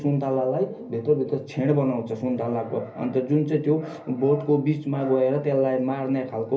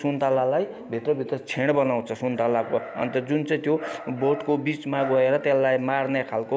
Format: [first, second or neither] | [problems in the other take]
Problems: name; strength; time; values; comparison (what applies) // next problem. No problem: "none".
second | room echo; dies away in 0.5 s